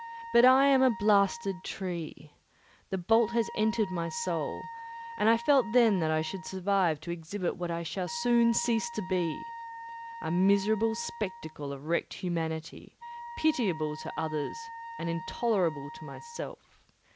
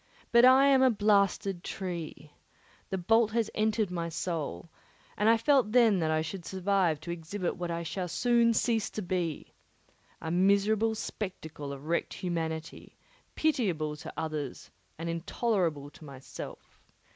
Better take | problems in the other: second | background sound (Wind instrument, woodwind instrument); 14 dB below the speech

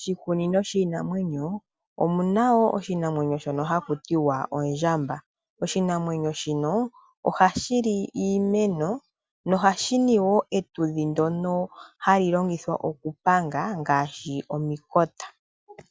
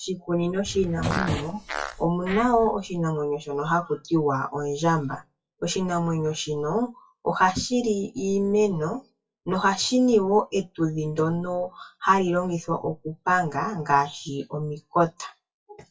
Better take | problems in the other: first | noise reduction (classical method WPE with log-MMSE)

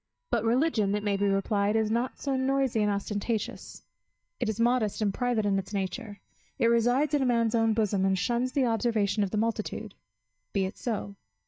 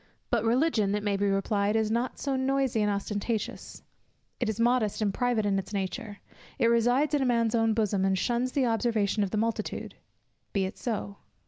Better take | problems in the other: second | noise reduction (neural mask model DeepFilterNet 3)

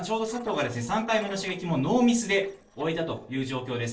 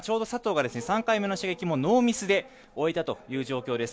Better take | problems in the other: second | noise reduction (neural separator model SepFormer DNS4)

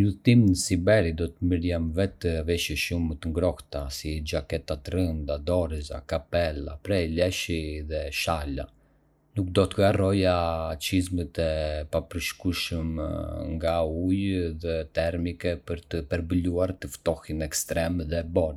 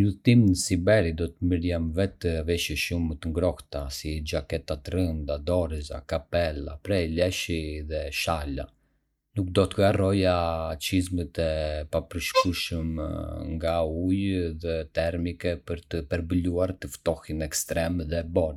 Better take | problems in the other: first | noise reduction (neural mask model DeepFilterNet 3)

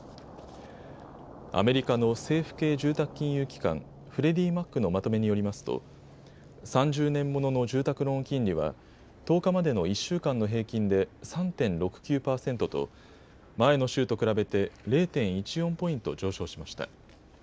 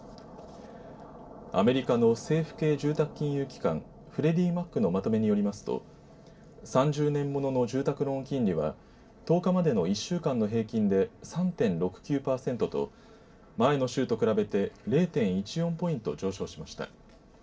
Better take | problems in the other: first | room echo; dies away in 0.2 s

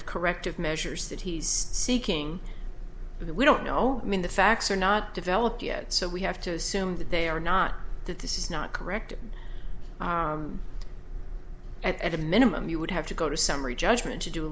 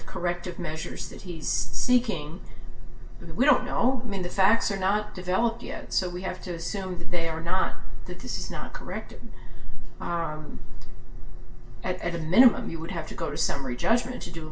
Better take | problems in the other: first | room echo; dies away in 0.2 s

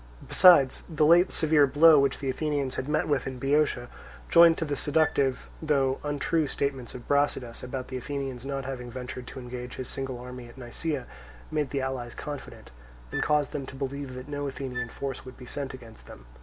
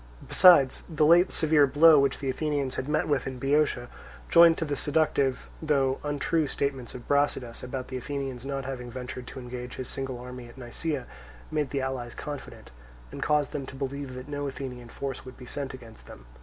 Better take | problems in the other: second | background sound (Wind instrument, woodwind instrument); 13 dB below the speech

